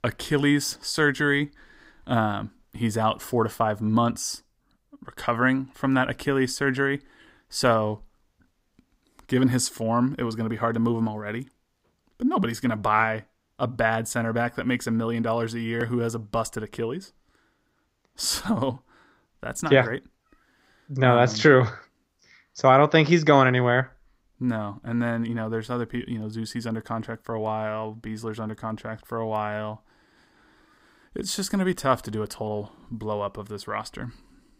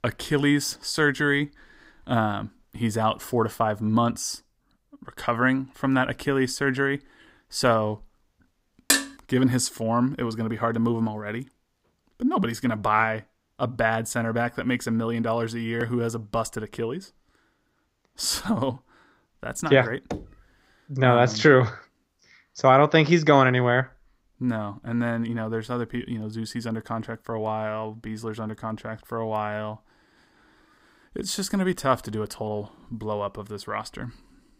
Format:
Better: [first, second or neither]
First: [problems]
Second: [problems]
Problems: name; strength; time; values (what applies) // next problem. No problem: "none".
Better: first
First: none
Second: clattering dishes; loud; at 9 s; peak 3 dB above the speech // door banging; faint; at 20 s; peak 10 dB below the speech